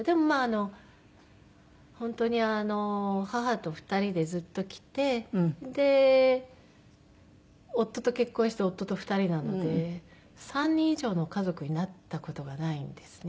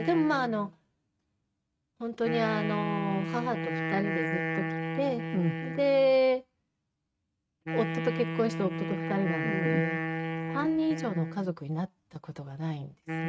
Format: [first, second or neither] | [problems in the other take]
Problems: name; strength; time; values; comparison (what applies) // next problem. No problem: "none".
first | noise reduction (neural mask model RNNoise)